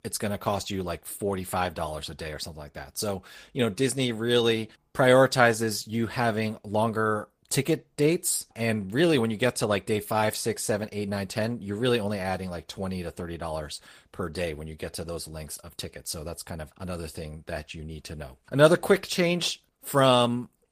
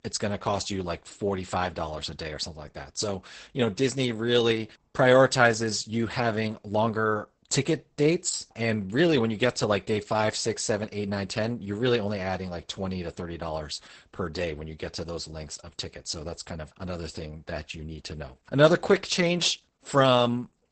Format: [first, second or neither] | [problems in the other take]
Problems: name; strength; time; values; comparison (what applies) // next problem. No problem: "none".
first | garbled, watery; badly; nothing above 8 kHz; slightly in the first